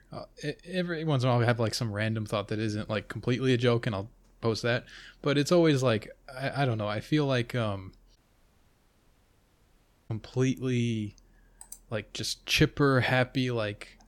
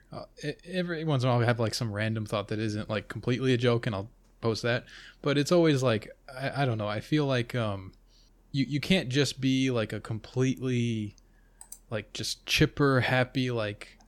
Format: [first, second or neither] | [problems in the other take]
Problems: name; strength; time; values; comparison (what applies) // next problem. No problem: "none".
second | audio cutting out; at 8 s for 2 s